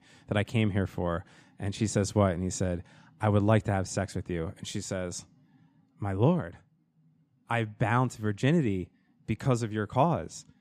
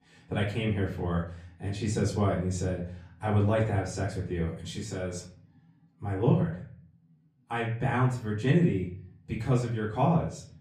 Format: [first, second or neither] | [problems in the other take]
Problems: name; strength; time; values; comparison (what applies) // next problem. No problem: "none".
first | off-mic speech; far // room echo; slight; dies away in 0.4 s